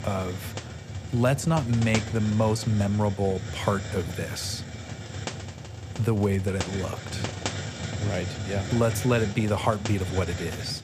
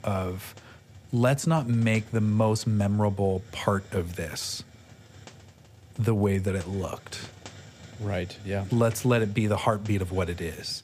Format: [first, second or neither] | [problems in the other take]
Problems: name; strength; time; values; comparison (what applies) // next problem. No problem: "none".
second | hiss; loud; throughout; 8 dB below the speech; faint in the second